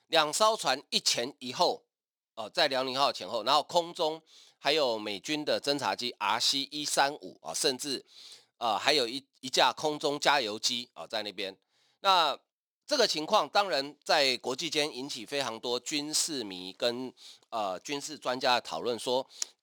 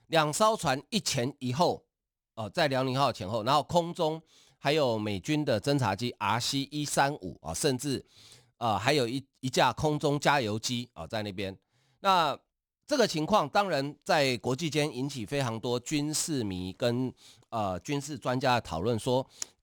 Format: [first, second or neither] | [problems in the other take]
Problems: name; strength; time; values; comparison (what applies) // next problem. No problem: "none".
second | thin; somewhat; fading below 350 Hz